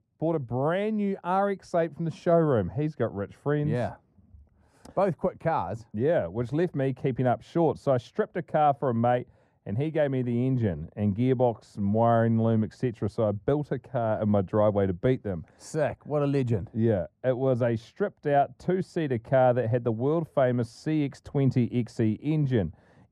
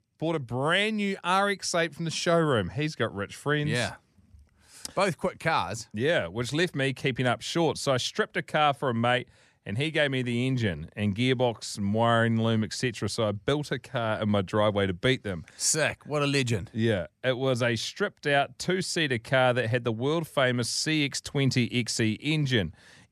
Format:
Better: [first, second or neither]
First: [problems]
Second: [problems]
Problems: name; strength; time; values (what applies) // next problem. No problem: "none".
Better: second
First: muffled; very; fading above 1.5 kHz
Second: none